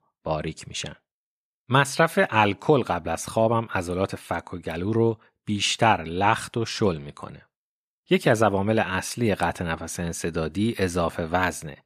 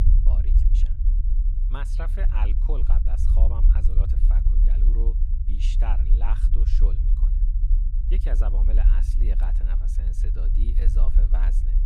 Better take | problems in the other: first | low rumble; loud; throughout; 4 dB below the speech

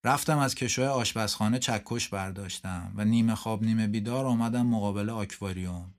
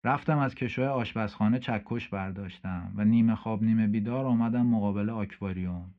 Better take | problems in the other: first | muffled; very; fading above 2.5 kHz

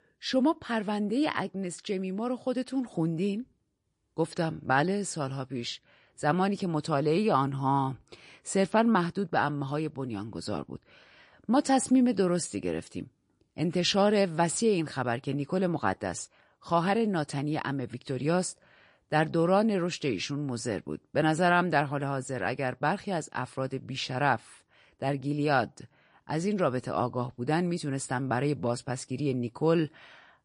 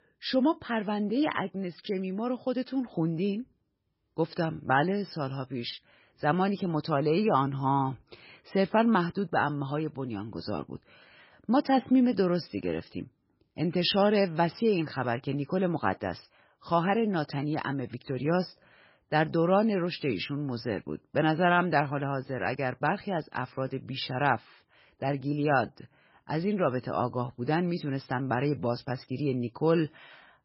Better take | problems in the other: first | garbled, watery; badly; nothing above 5.5 kHz; slightly in the first

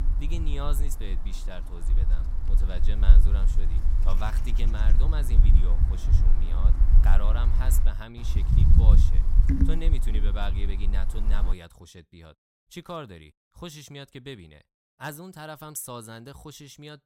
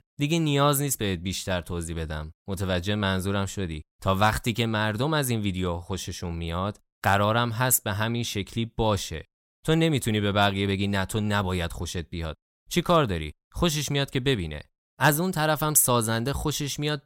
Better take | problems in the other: second | wind noise on the microphone; heavy; until 12 s; 3 dB below the speech

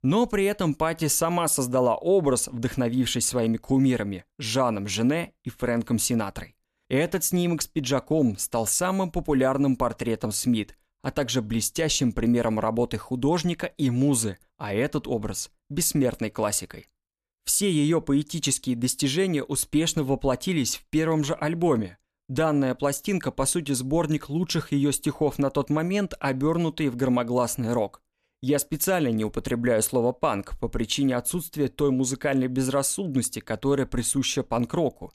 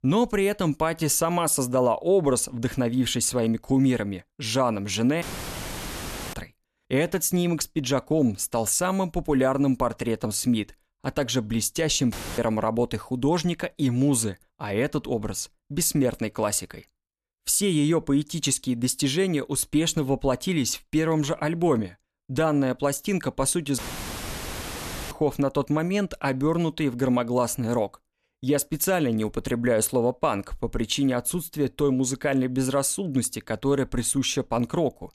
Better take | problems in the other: first | audio cutting out; filled with static; at 5 s for 1 s, at 12 s and at 24 s for 1.5 s

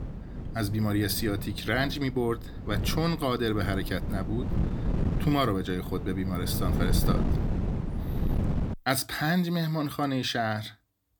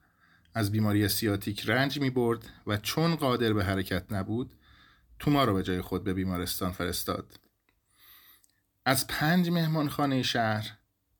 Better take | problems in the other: second | wind noise on the microphone; heavy; until 8.5 s; 10 dB below the speech

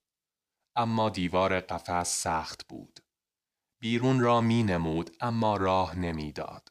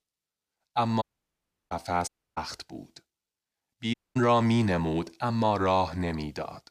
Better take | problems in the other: first | audio cutting out; at 1 s for 0.5 s, at 2 s and at 4 s

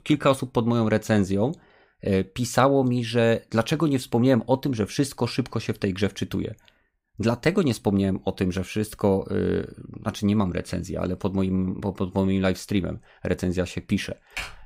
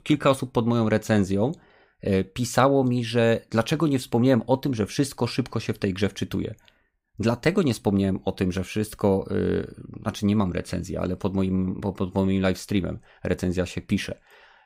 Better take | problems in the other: second | keyboard typing; noticeable; at 14 s; peak 10 dB below the speech

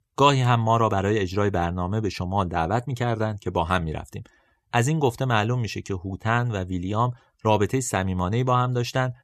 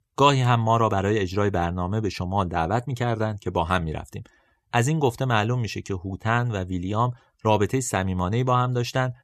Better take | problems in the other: neither | none

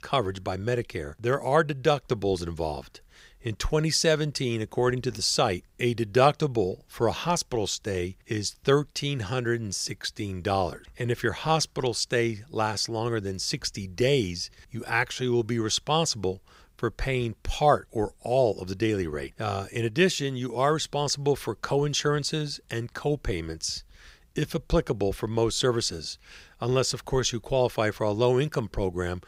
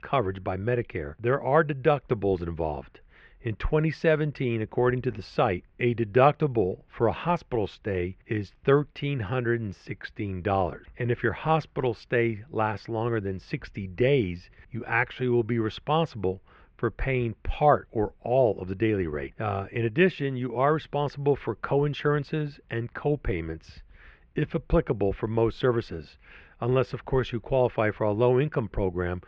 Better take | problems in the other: first | muffled; very; fading above 2.5 kHz

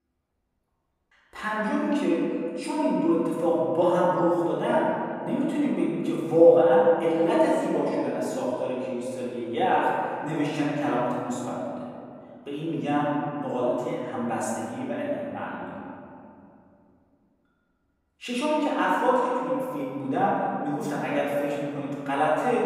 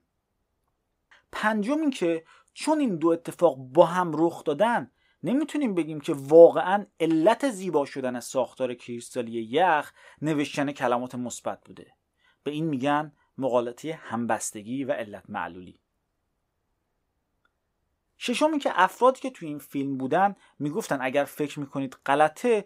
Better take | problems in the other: second | room echo; strong; dies away in 2.5 s // off-mic speech; far

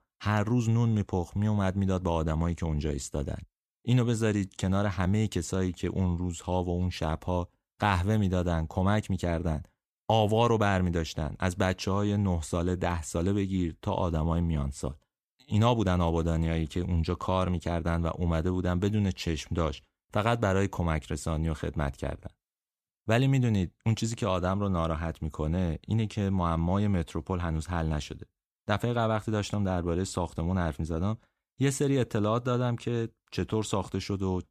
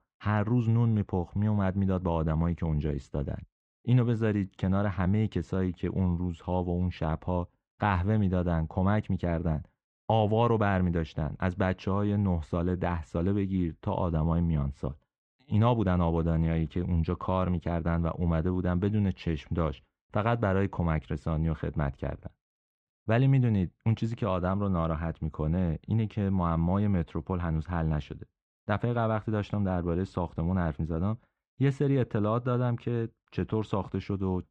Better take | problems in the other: first | muffled; very; fading above 2.5 kHz

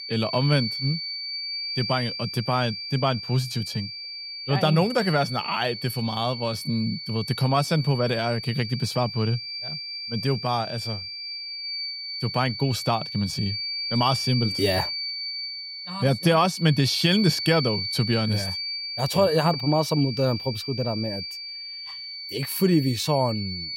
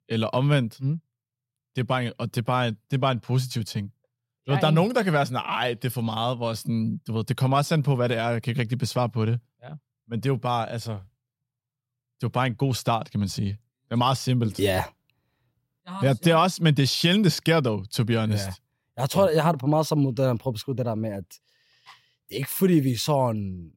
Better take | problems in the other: second | high-pitched whine; loud; throughout; 4.5 kHz, 6 dB below the speech

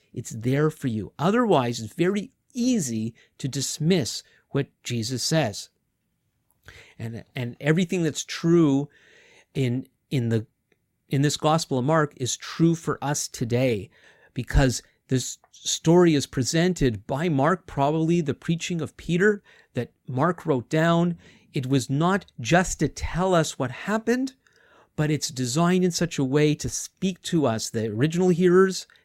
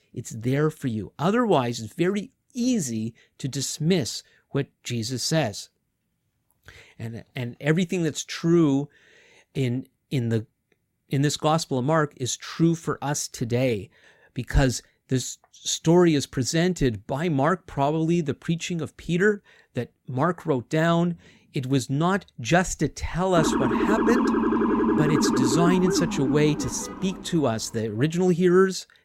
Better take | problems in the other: first | siren; loud; from 23 to 27 s; peak 3 dB above the speech

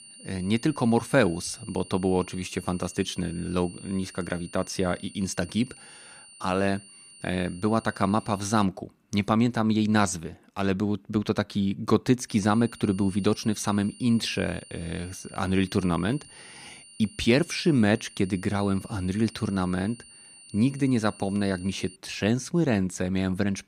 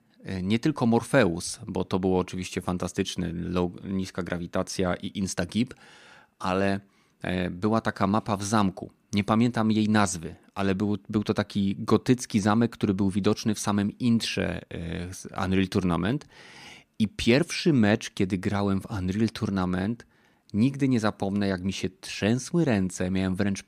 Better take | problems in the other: second | high-pitched whine; noticeable; until 8.5 s and from 12 to 22 s; 9 kHz, 20 dB below the speech

